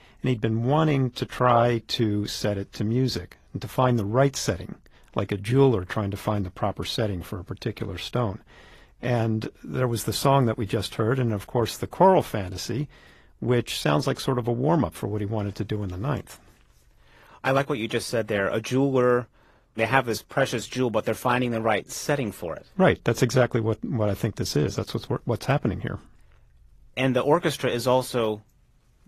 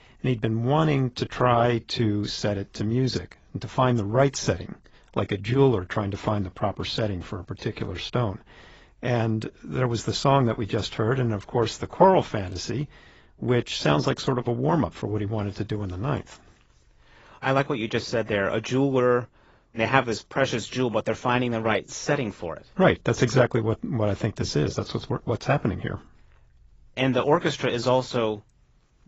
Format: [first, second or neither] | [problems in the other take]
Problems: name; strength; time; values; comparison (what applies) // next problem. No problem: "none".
first | garbled, watery; badly; nothing above 7.5 kHz; slightly in the first